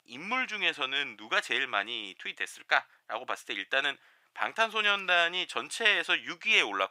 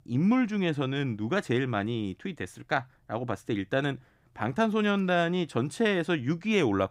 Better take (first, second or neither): second